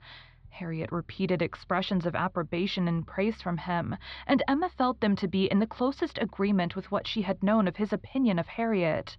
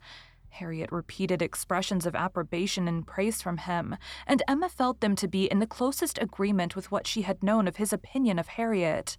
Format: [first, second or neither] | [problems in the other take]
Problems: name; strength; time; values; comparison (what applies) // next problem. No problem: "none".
second | muffled; very slightly; fading above 4 kHz